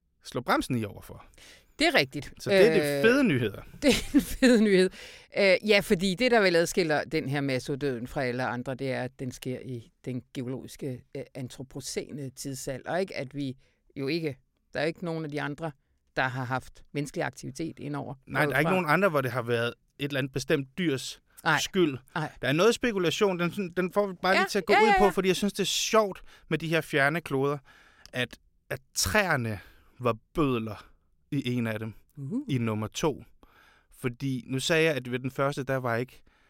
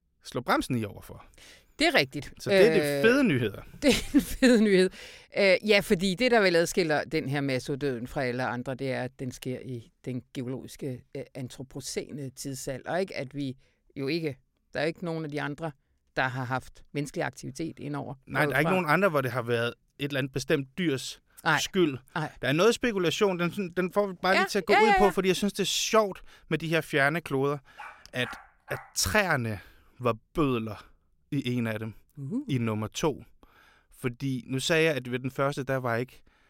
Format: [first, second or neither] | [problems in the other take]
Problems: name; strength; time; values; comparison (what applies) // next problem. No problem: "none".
first | dog barking; faint; from 28 to 29 s; peak 15 dB below the speech